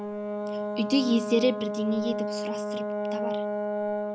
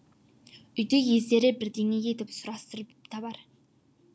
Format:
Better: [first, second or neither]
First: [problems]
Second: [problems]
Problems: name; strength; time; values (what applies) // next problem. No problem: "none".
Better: second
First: background sound (Brass instrument); 1 dB below the speech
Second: none